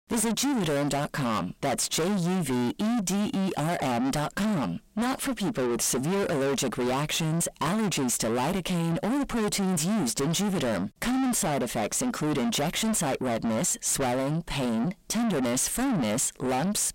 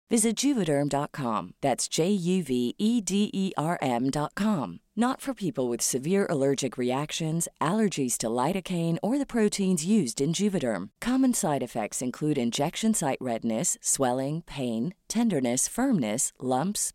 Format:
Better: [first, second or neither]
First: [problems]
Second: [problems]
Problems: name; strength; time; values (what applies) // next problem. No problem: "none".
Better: second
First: distortion; heavy; 5 dB below the speech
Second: none